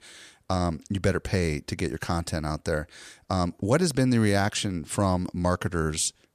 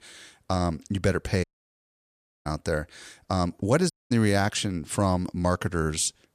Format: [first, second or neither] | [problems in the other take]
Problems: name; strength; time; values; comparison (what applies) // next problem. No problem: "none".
first | audio cutting out; at 1.5 s for 1 s and at 4 s